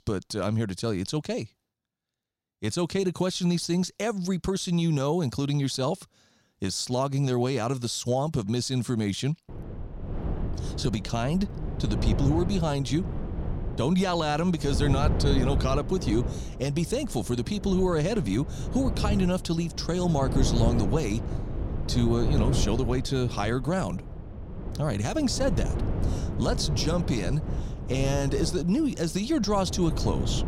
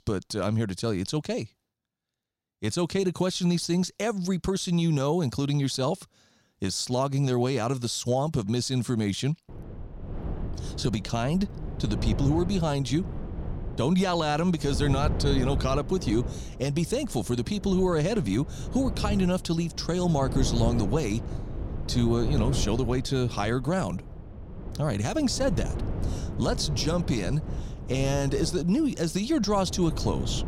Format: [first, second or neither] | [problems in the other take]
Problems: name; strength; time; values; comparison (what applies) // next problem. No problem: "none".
second | wind noise on the microphone; heavy; from 9.5 s on; 10 dB below the speech; occasional gusts in the second